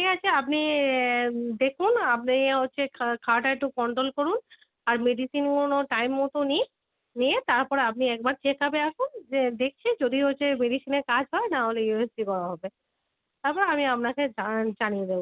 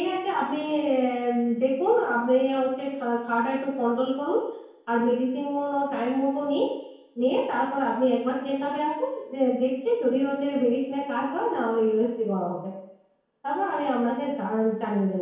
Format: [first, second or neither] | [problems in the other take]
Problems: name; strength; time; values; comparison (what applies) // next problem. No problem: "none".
first | room echo; dies away in 1 s